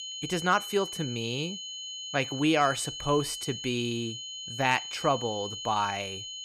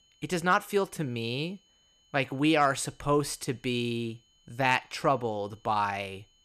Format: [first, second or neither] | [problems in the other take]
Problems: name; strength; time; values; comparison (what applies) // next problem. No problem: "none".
second | high-pitched whine; loud; throughout; 3 kHz, 7 dB below the speech; faint in the second